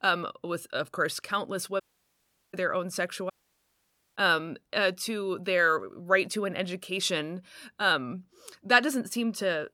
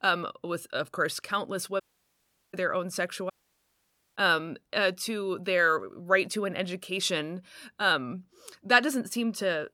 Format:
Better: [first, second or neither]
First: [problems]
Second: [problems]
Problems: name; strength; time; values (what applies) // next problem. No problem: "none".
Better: neither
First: audio cutting out; at 2 s for 0.5 s and at 3.5 s for 1 s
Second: audio cutting out; at 2 s for 0.5 s and at 3.5 s for 1 s